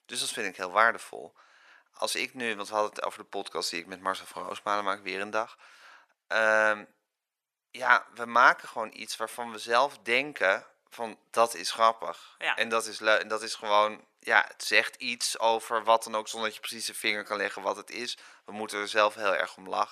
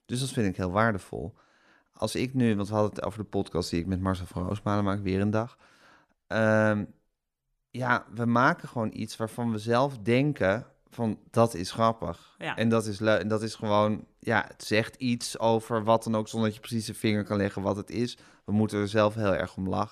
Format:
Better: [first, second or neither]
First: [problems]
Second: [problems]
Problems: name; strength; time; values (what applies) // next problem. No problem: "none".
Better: second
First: thin; very; fading below 750 Hz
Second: none